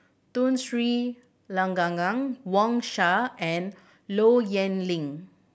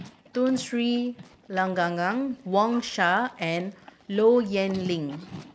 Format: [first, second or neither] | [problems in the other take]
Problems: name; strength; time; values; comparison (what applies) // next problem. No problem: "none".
first | background sound (Livestock, farm animals, working animals); 20 dB below the speech